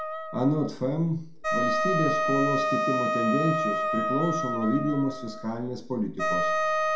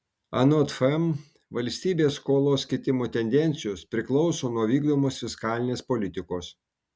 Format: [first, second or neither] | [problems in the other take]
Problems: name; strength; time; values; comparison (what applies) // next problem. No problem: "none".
second | background sound (Wind instrument, woodwind instrument); 1 dB above the speech // room echo; dies away in 0.4 s